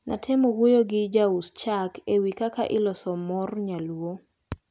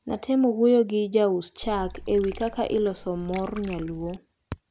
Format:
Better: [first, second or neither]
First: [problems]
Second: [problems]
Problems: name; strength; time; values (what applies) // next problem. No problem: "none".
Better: first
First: none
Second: background sound (Water / Liquid); 15 dB below the speech